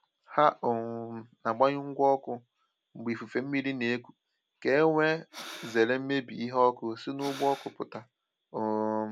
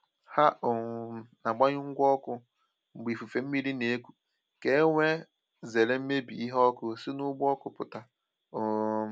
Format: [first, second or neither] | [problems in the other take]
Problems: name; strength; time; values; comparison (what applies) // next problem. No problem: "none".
second | background sound (Breathing); 16 dB below the speech